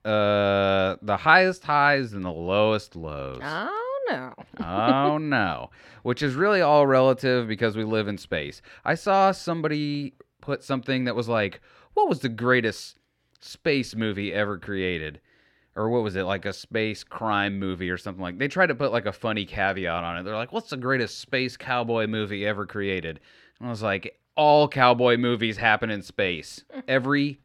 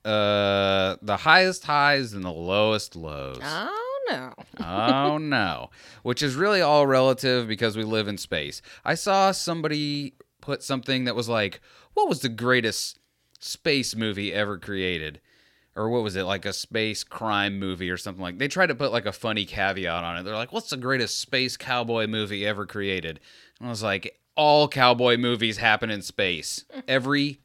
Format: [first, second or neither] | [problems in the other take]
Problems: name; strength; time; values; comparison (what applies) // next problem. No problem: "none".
second | muffled; slightly; fading above 3.5 kHz